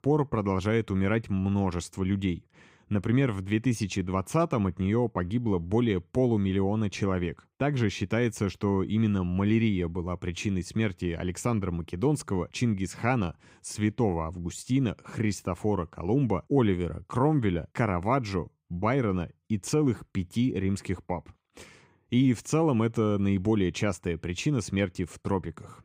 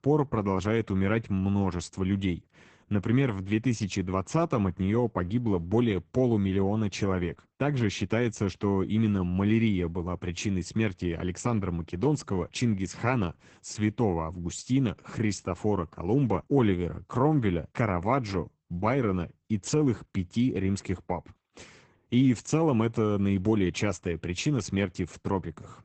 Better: first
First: none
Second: garbled, watery; badly; nothing above 8 kHz

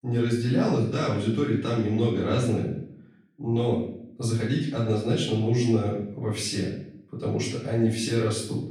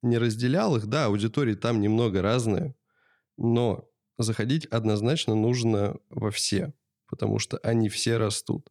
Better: second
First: off-mic speech; far // room echo; noticeable; dies away in 0.6 s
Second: none

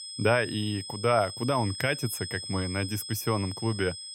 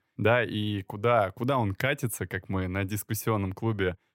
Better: second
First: high-pitched whine; loud; throughout; 5 kHz, 8 dB below the speech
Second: none

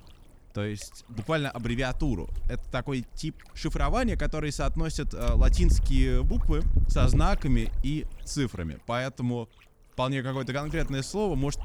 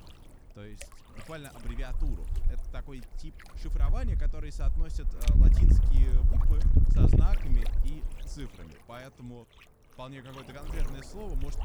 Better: first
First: wind noise on the microphone; occasional gusts; 15 dB below the speech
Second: wind noise on the microphone; heavy; 2 dB above the speech

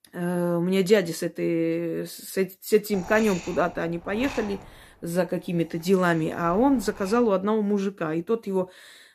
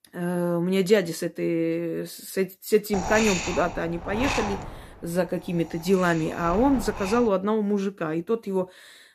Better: first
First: wind noise on the microphone; occasional gusts; from 3 to 7.5 s; 15 dB below the speech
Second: wind noise on the microphone; heavy; from 3 to 7.5 s; 5 dB below the speech

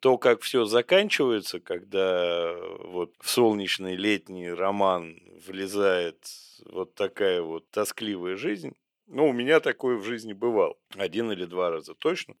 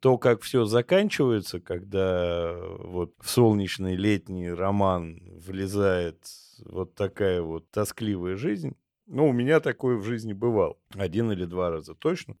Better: second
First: thin; somewhat; fading below 300 Hz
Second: none

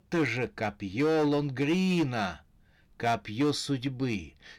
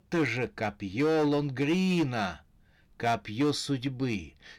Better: neither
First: distortion; slight; 7% of the sound clipped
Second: distortion; slight; 7% of the sound clipped

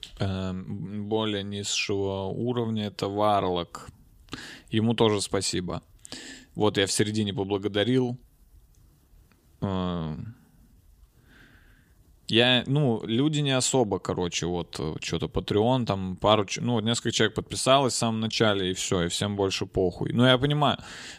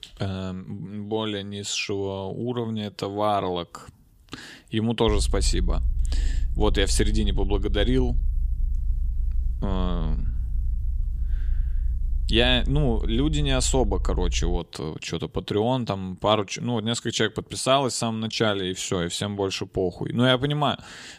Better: first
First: none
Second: low rumble; faint; from 5 to 15 s; 25 dB below the speech

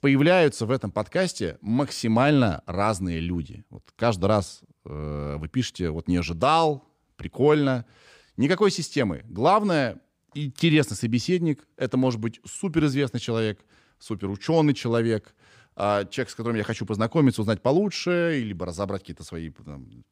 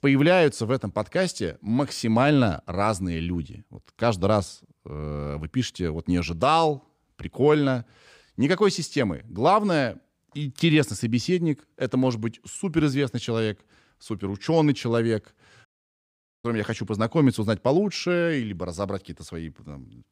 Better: first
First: none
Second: audio cutting out; at 16 s for 1 s

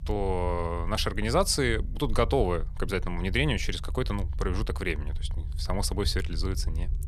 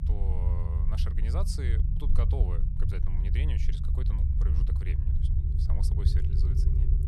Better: first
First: low rumble; faint; throughout; 25 dB below the speech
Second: low rumble; loud; throughout; 1 dB below the speech

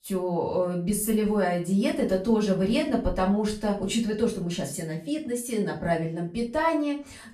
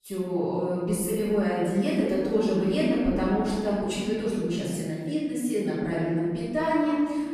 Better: first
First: room echo; slight; dies away in 0.3 s // off-mic speech; far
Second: room echo; strong; dies away in 1.8 s // off-mic speech; far

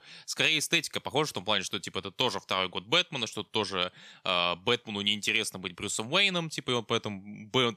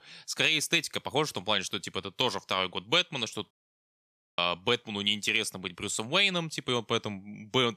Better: first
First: none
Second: audio cutting out; at 3.5 s for 1 s

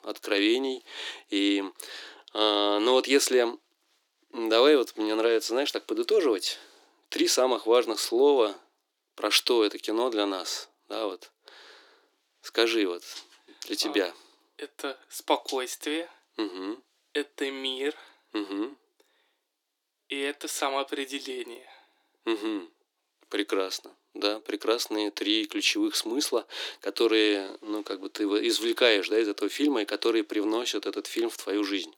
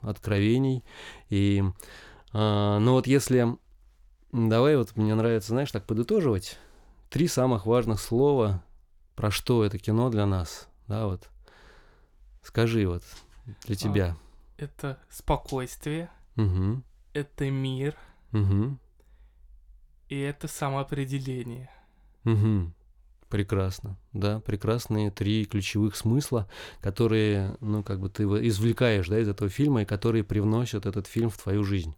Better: second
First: thin; somewhat; fading below 300 Hz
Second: none

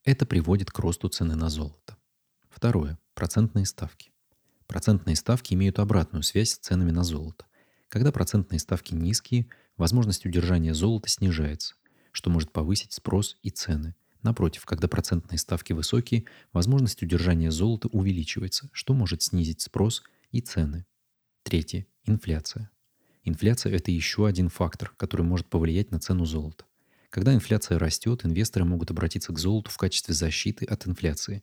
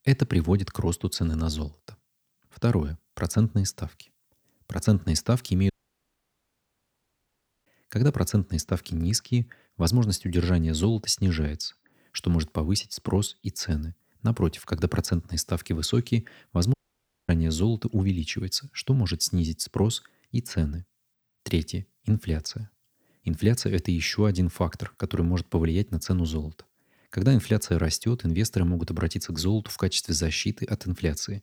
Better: first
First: none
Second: audio cutting out; at 5.5 s for 2 s and at 17 s for 0.5 s

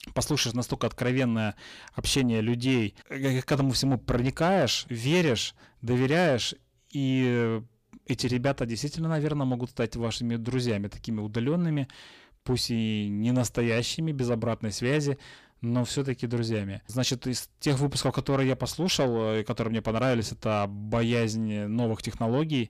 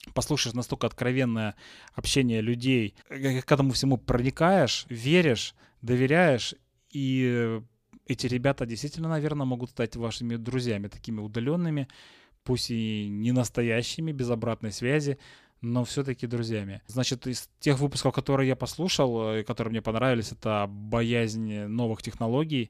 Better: second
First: distortion; slight; 10 dB below the speech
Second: none

